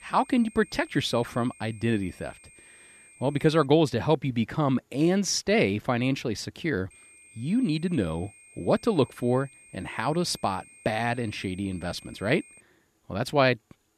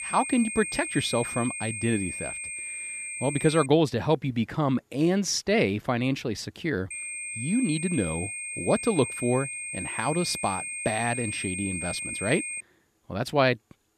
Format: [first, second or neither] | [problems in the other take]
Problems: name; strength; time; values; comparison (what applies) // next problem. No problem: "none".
first | high-pitched whine; loud; until 3.5 s and from 7 to 13 s; 2.5 kHz, 5 dB below the speech; faint in the first